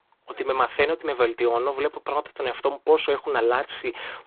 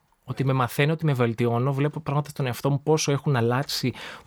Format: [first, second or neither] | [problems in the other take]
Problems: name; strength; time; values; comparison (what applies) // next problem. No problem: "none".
second | phone-call audio; poor line